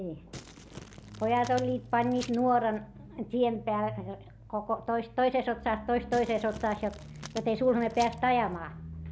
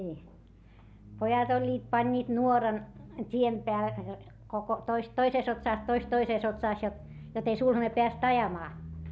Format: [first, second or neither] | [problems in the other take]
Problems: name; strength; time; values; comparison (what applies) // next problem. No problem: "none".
second | background sound (Crumpling, crinkling); 18 dB below the speech